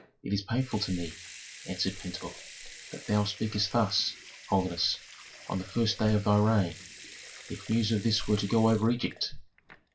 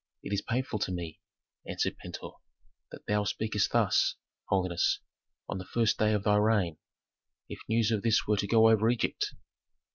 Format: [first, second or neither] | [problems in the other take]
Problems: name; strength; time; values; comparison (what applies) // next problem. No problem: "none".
second | background sound (Sink (filling or washing) / Water tap, faucet / Liquid); 18 dB below the speech // room echo; dies away in 0.2 s